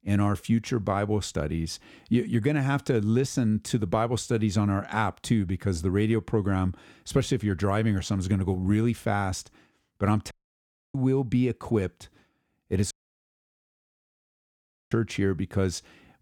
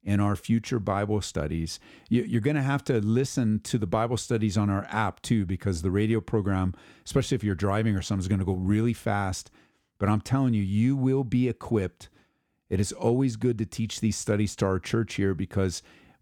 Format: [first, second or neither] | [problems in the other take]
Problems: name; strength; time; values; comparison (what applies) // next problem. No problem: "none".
second | audio cutting out; at 10 s for 0.5 s and at 13 s for 2 s